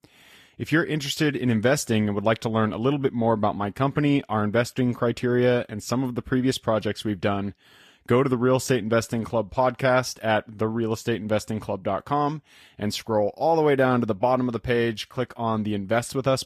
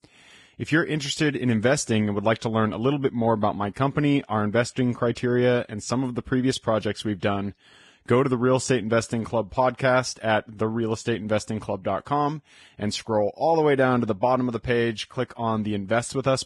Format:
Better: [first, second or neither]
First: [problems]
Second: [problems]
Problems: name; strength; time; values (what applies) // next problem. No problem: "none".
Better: first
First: garbled, watery; slightly; nothing above 14.5 kHz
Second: garbled, watery; badly; nothing above 10 kHz